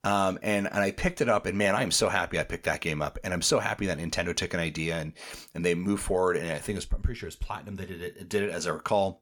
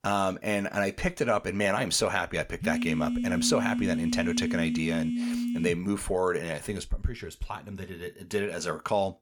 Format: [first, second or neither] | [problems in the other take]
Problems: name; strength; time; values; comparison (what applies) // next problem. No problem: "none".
first | phone ringing; loud; from 2.5 to 6 s; peak level with the speech